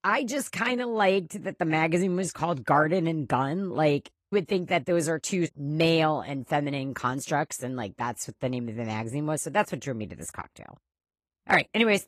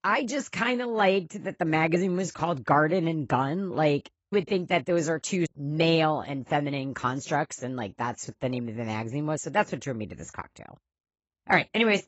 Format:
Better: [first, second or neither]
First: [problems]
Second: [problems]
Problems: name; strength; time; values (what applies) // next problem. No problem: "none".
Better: first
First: garbled, watery; slightly; nothing above 14 kHz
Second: garbled, watery; badly; nothing above 8 kHz